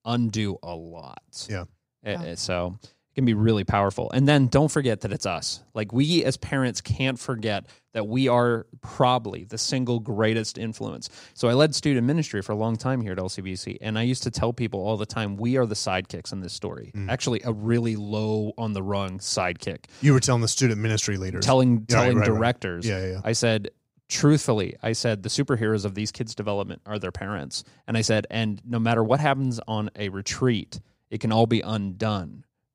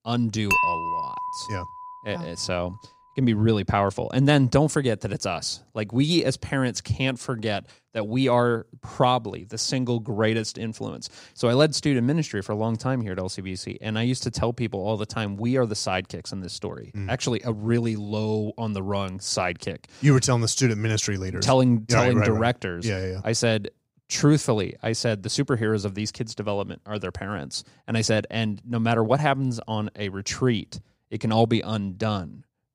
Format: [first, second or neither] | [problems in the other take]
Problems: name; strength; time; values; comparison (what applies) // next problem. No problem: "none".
first | clattering dishes; loud; until 1.5 s; peak 4 dB above the speech